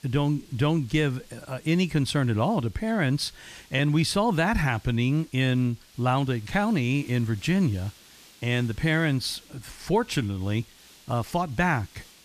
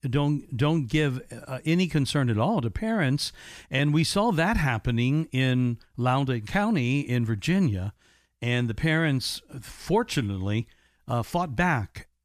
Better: second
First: hiss; faint; throughout; 25 dB below the speech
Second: none

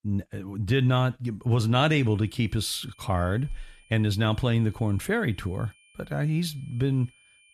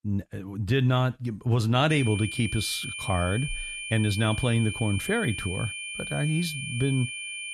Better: first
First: high-pitched whine; faint; from 2 s on; 2.5 kHz, 30 dB below the speech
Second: high-pitched whine; loud; from 2 s on; 2.5 kHz, 6 dB below the speech

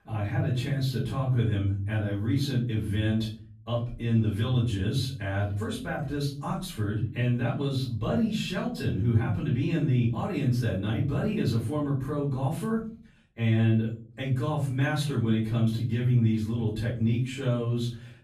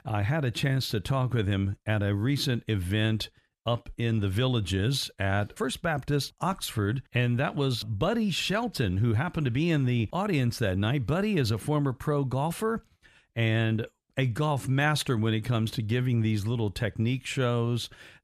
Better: second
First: off-mic speech; far // room echo; slight; dies away in 0.5 s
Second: none

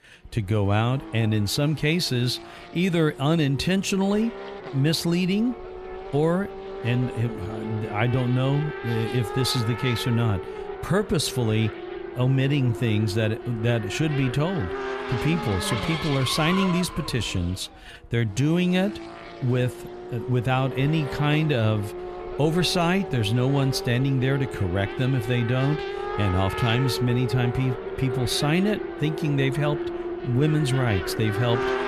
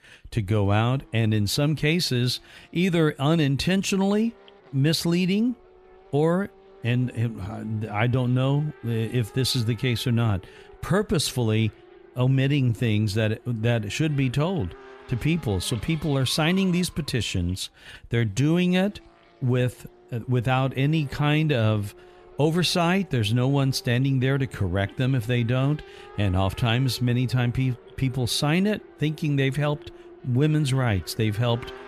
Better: second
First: traffic noise; loud; throughout; 8 dB below the speech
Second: traffic noise; faint; throughout; 25 dB below the speech

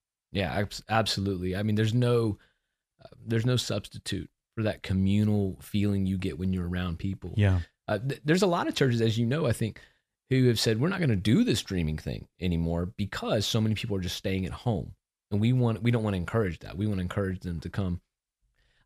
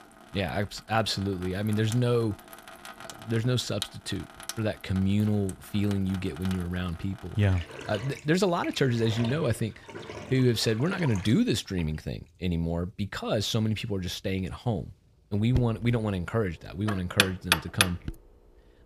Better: first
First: none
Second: household noises; loud; throughout; 6 dB below the speech

